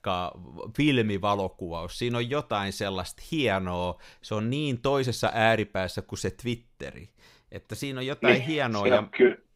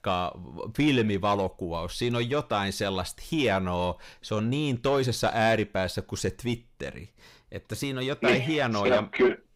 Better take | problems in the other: first | distortion; slight; 10 dB below the speech

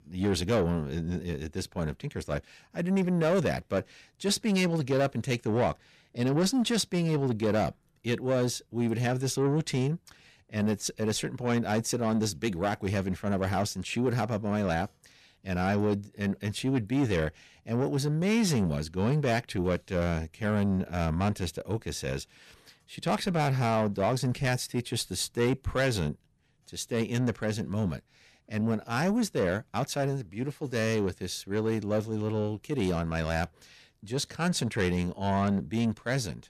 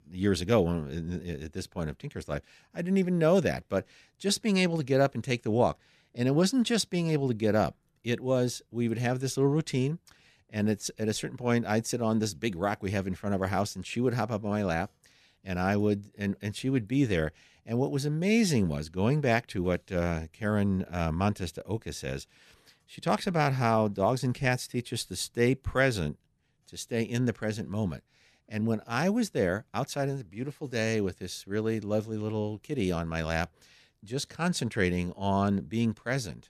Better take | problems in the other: second | distortion; slight; 10 dB below the speech

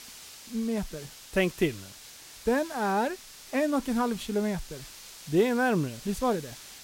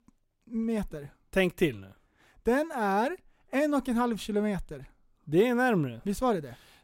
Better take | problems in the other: second | hiss; noticeable; throughout; 15 dB below the speech

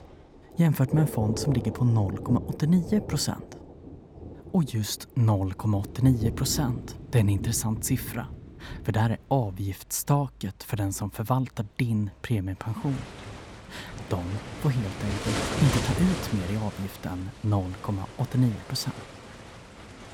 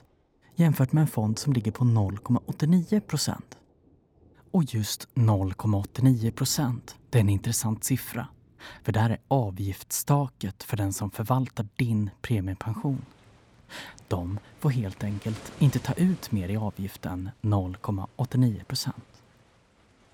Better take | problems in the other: second | rain or running water; loud; throughout; 9 dB below the speech; faint in the second

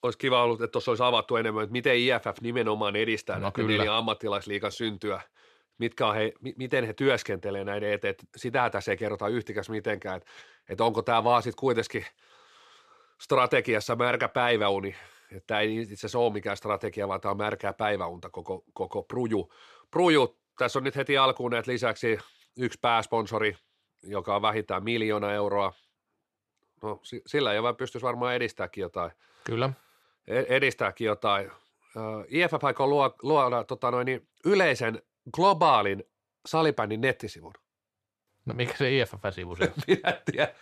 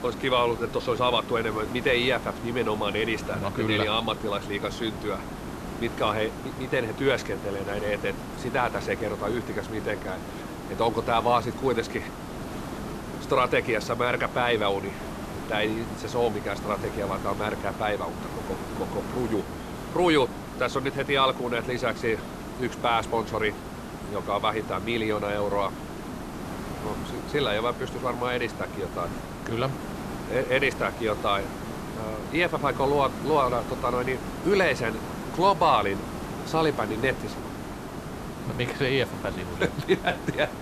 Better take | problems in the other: first | hiss; loud; throughout; 9 dB below the speech

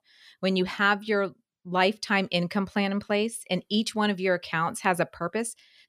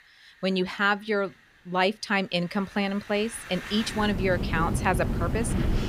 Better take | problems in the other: first | wind in the background; loud; throughout; 4 dB below the speech

